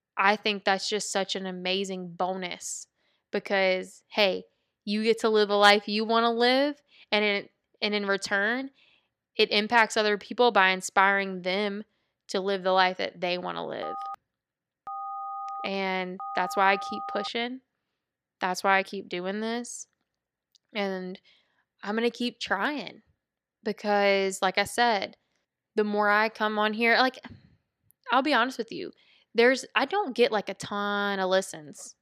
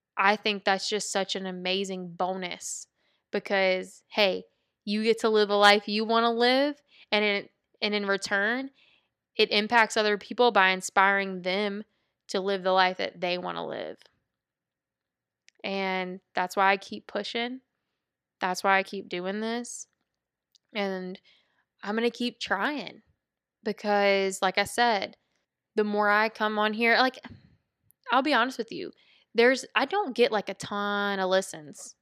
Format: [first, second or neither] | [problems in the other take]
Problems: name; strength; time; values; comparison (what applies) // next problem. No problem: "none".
second | phone ringing; noticeable; from 14 to 17 s; peak 9 dB below the speech